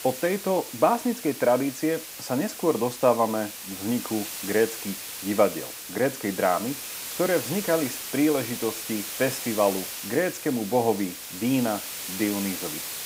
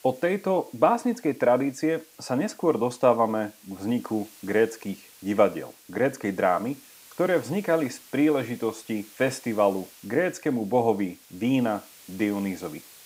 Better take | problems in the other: second | hiss; loud; throughout; 7 dB below the speech; faint in the second

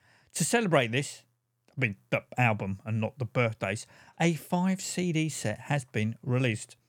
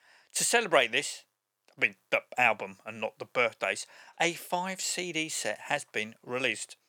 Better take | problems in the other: first | thin; very; fading below 500 Hz

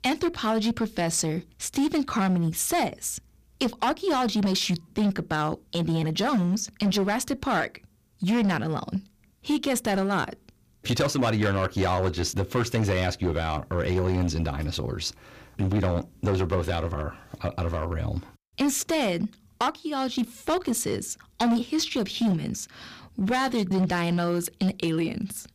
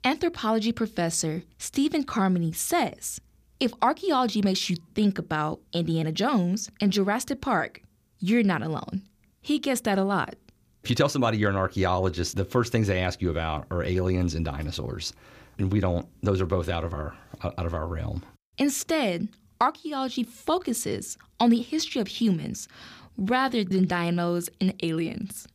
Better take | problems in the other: second | distortion; slight; 9% of the sound clipped

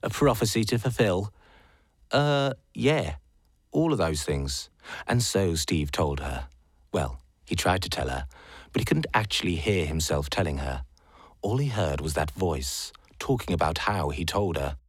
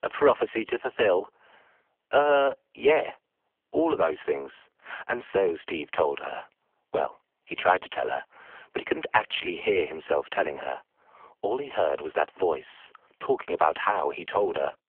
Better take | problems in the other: first | phone-call audio; poor line; nothing above 3 kHz

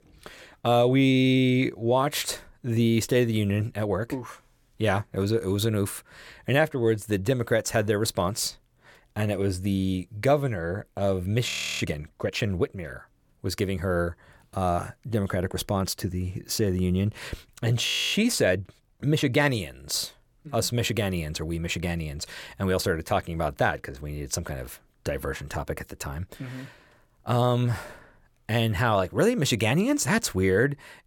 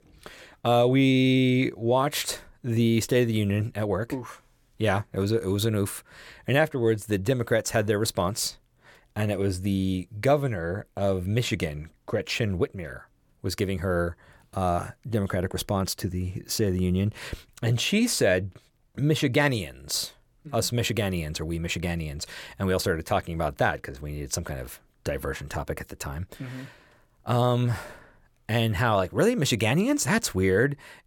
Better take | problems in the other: second | audio freezing; at 12 s and at 18 s

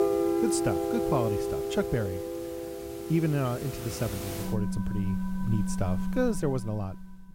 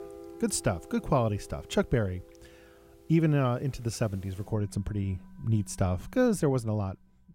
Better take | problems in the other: second | background music; loud; throughout; as loud as the speech; faint in the second

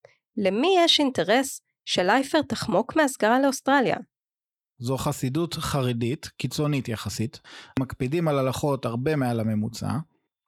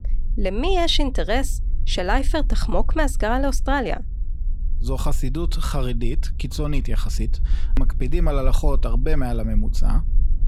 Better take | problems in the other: first | low rumble; faint; throughout; 25 dB below the speech

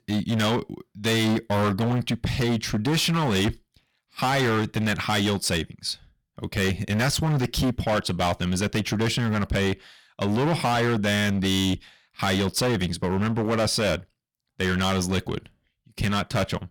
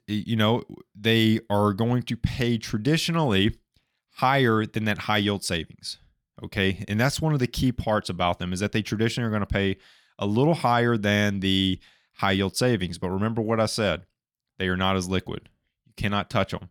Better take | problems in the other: second | distortion; heavy; 19% of the sound clipped

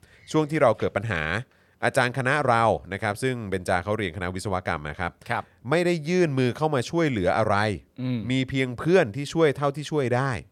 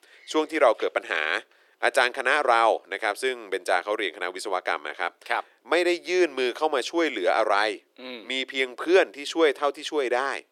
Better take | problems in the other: first | thin; very; fading below 350 Hz

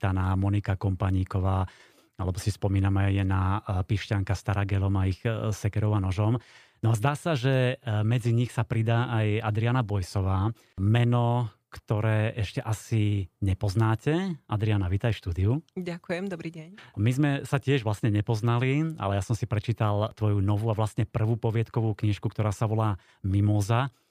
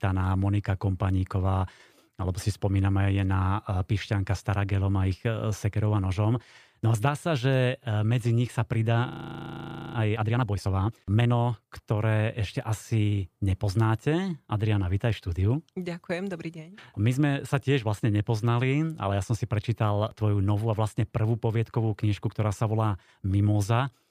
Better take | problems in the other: first | audio freezing; at 9 s for 1 s

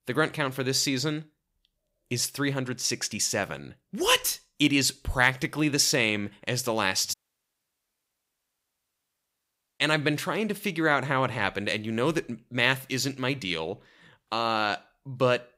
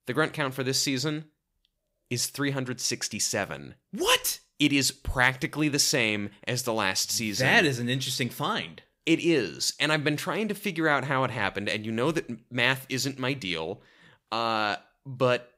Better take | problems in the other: second | audio cutting out; at 7 s for 2.5 s

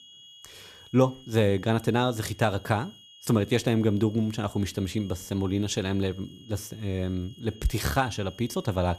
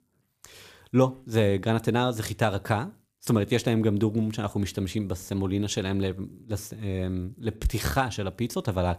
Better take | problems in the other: second | high-pitched whine; faint; throughout; 3.5 kHz, 20 dB below the speech

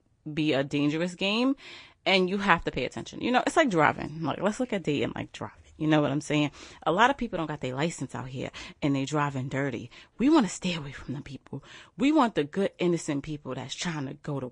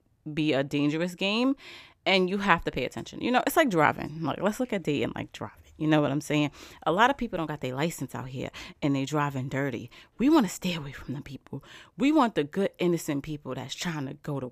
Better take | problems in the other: second | garbled, watery; slightly

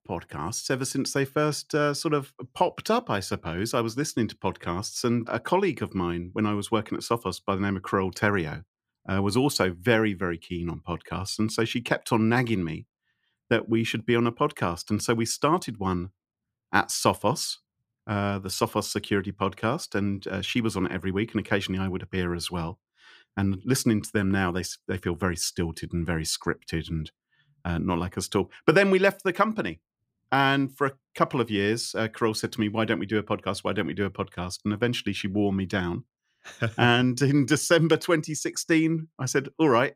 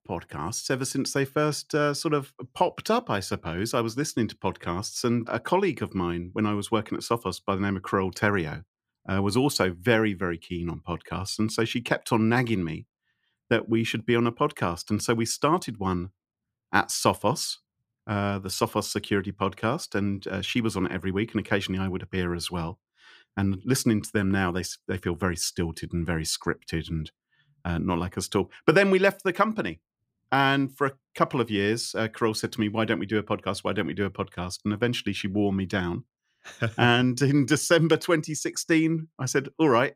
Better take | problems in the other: neither | none

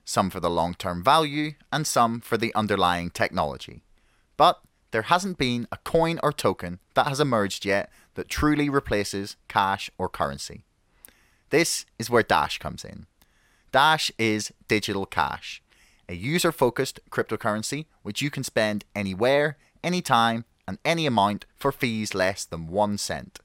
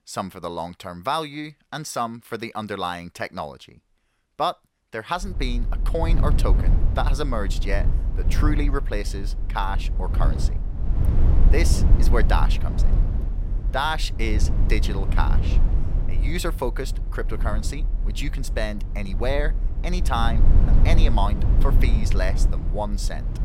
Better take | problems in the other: first | low rumble; noticeable; from 5.5 s on; 10 dB below the speech

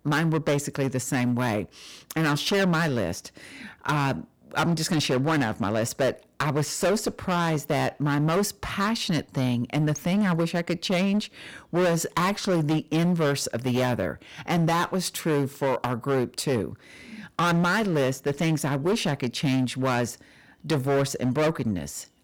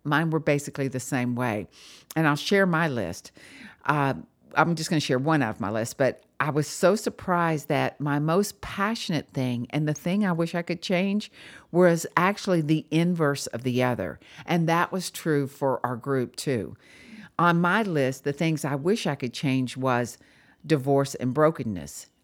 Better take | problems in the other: second | distortion; heavy; 16% of the sound clipped

